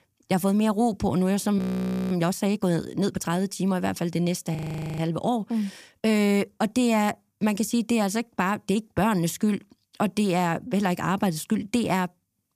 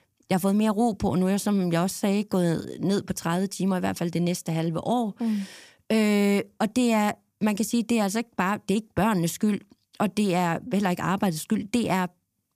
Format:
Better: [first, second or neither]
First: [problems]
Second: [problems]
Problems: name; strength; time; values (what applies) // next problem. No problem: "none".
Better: second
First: audio freezing; at 1.5 s for 0.5 s and at 4.5 s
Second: none